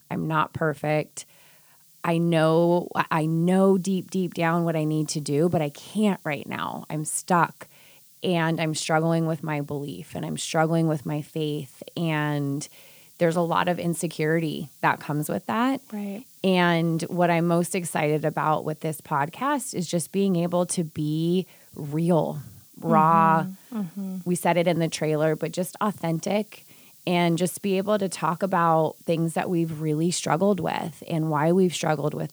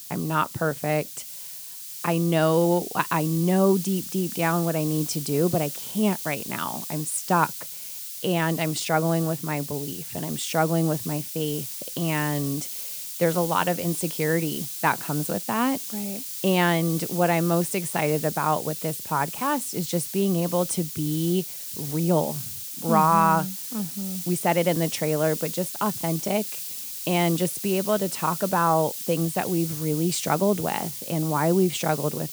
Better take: first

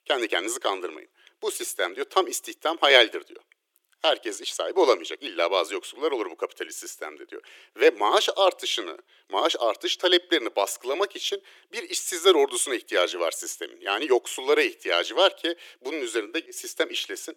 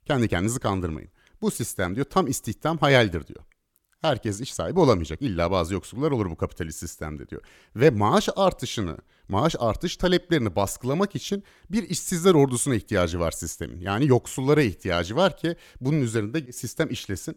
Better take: second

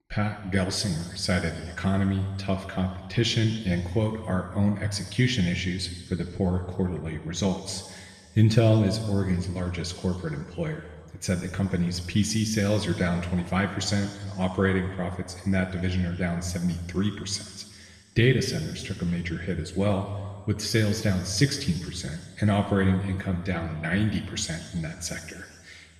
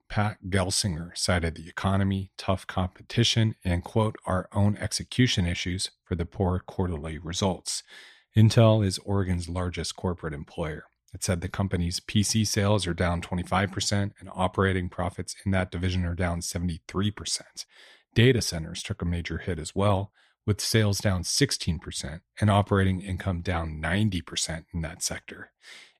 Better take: second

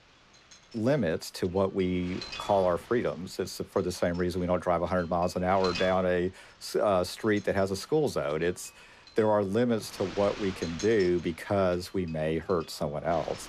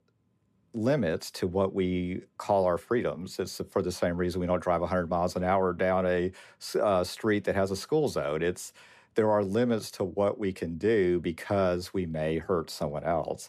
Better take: second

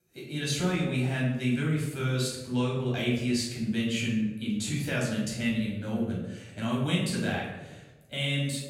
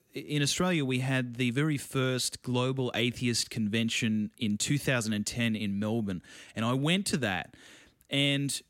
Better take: second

